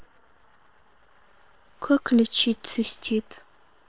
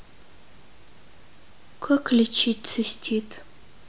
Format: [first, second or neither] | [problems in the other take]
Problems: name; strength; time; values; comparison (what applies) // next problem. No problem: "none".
second | noise reduction (neural separator model SepFormer WHAM!)